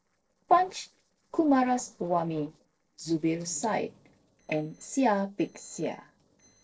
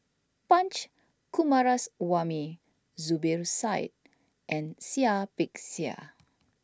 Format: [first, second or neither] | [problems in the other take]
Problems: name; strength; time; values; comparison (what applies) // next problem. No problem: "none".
second | noise reduction (neural separator model SepFormer DNS4)